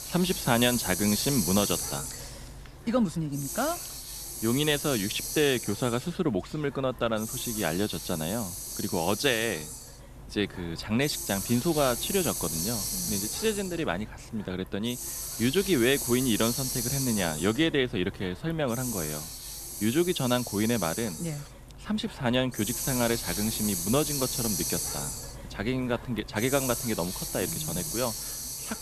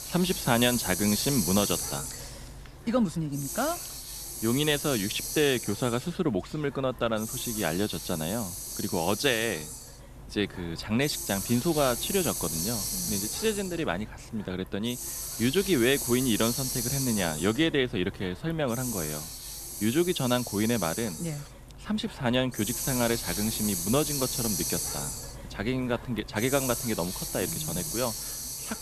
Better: neither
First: hiss; loud; throughout; 3 dB below the speech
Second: hiss; loud; throughout; 3 dB below the speech

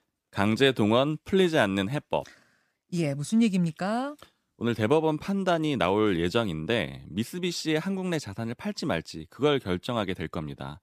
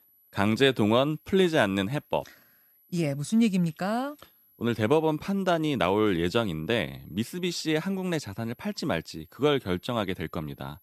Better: first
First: none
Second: high-pitched whine; faint; throughout; 12 kHz, 30 dB below the speech

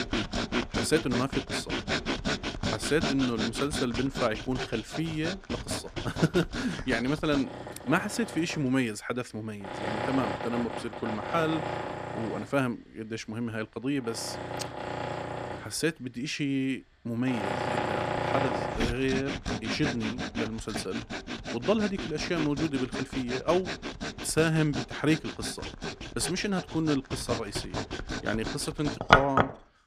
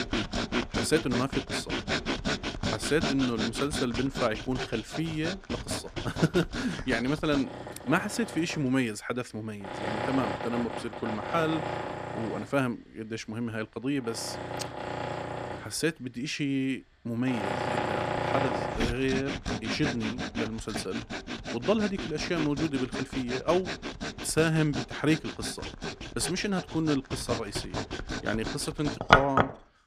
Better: neither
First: machinery noise; loud; throughout; 2 dB below the speech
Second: machinery noise; loud; throughout; 2 dB below the speech

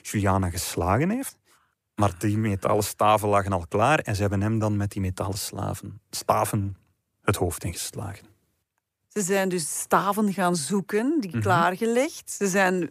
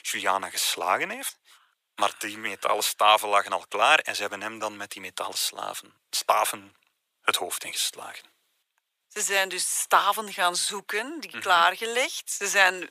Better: first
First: none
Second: thin; very; fading below 750 Hz

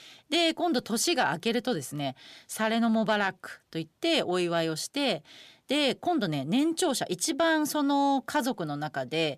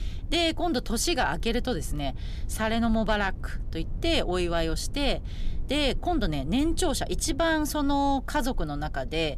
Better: first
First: none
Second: low rumble; faint; throughout; 25 dB below the speech

